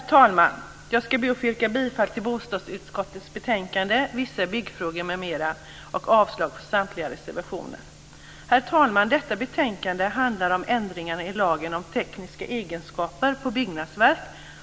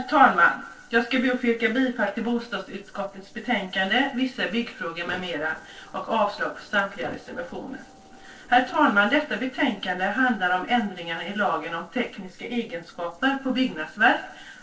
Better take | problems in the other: first | noise reduction (neural separator model SepFormer DNS4)

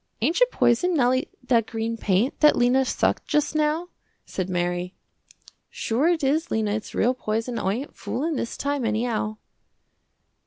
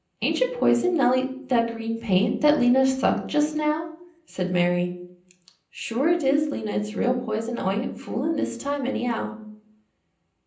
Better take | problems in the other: first | room echo; dies away in 0.6 s

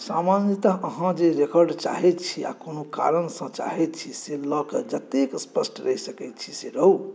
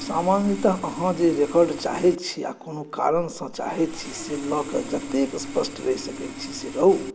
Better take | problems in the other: first | background sound (Sawing); 12 dB below the speech

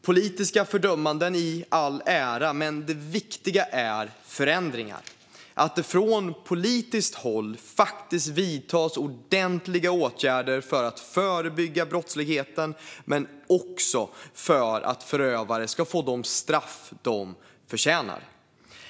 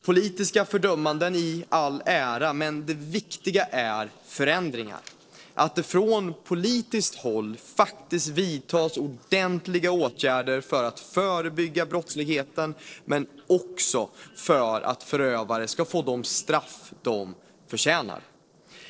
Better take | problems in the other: first | noise reduction (neural separator model SepFormer DNS4)

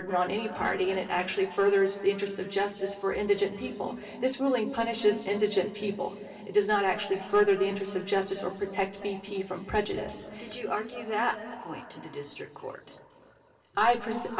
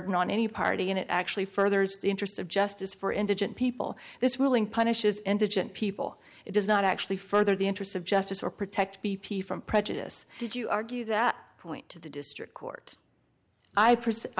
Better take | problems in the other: second | room echo; dies away in 2.8 s

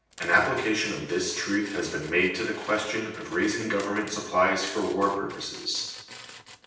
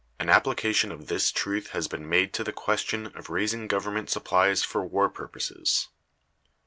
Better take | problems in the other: second | background sound (Tools); 18 dB below the speech // room echo; dies away in 0.9 s

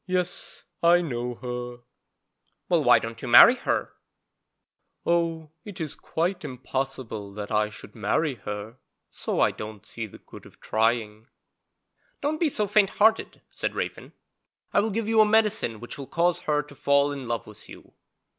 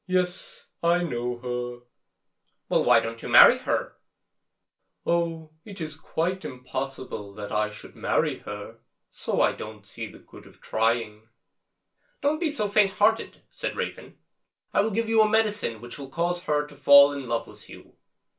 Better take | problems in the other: first | room echo; dies away in 0.2 s

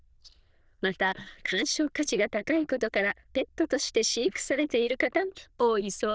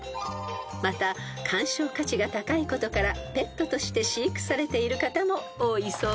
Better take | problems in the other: second | noise reduction (neural diffusion model UNIVERSE++)

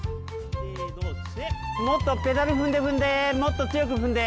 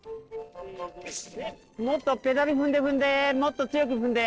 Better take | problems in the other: first | noise reduction (neural separator model SepFormer DNS4)

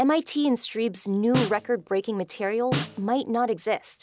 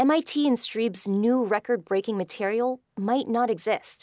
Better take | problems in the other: second | background sound (Snare drum); 8 dB below the speech

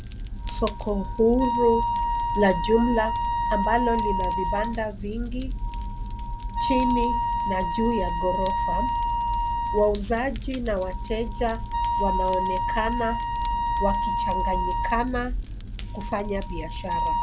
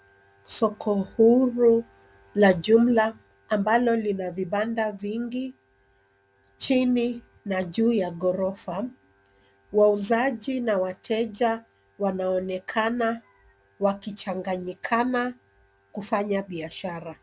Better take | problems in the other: second | background sound (Fire + Wind instrument, woodwind instrument); 1 dB above the speech

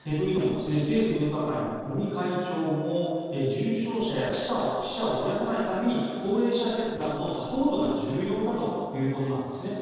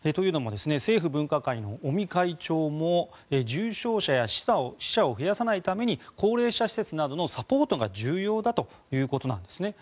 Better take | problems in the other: second | noise reduction (neural separator model SepFormer DNS4)

